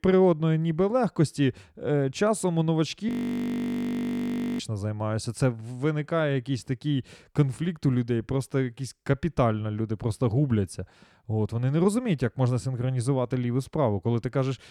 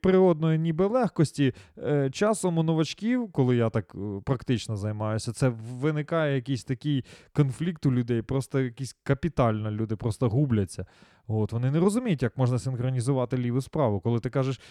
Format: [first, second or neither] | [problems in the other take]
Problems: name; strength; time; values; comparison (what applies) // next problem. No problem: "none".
second | audio freezing; at 3 s for 1.5 s